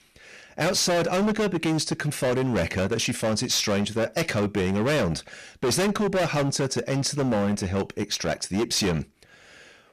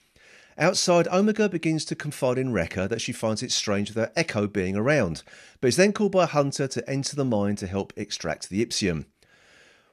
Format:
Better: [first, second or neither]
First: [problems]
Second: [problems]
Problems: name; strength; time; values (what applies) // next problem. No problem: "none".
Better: second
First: distortion; heavy; 21% of the sound clipped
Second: none